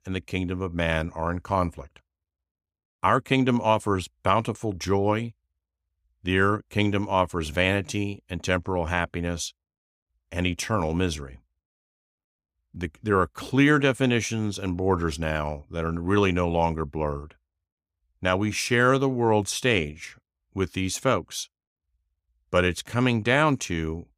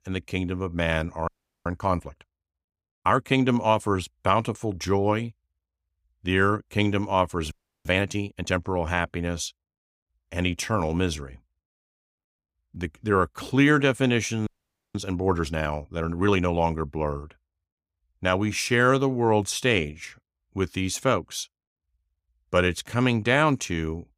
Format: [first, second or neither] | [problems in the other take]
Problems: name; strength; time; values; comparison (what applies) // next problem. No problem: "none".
first | audio freezing; at 1.5 s, at 7.5 s and at 14 s